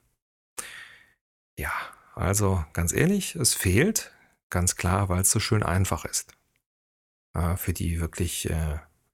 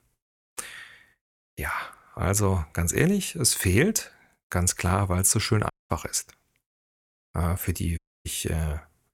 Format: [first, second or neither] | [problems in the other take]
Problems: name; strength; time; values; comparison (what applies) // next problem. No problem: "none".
first | audio cutting out; at 5.5 s and at 8 s